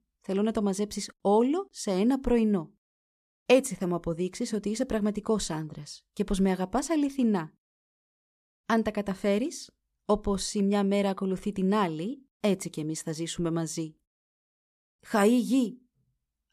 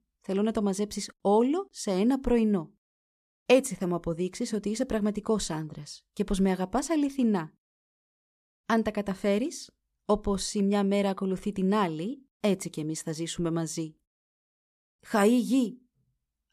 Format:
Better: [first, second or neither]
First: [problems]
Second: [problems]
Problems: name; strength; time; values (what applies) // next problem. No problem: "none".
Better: neither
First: none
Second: none